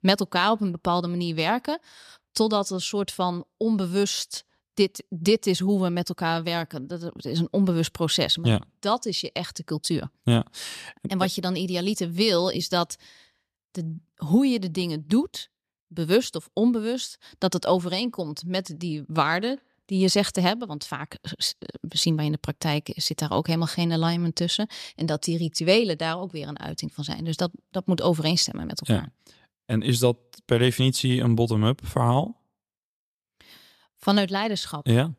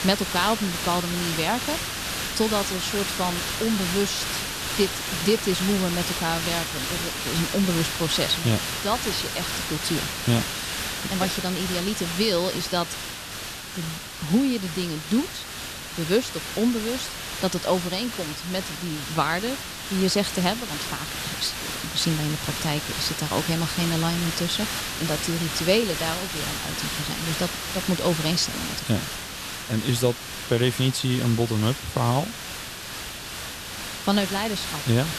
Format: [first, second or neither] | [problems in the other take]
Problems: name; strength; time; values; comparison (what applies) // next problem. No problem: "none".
first | hiss; loud; throughout; 3 dB below the speech